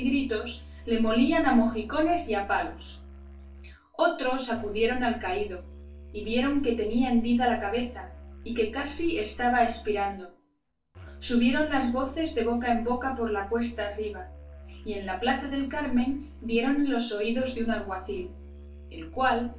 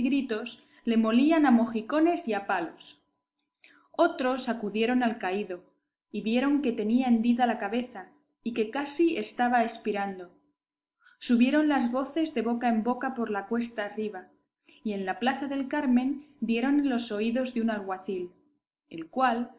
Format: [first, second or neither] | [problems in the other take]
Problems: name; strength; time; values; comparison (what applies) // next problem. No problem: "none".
second | background sound (Musical instrument); 17 dB below the speech // room echo; dies away in 0.1 s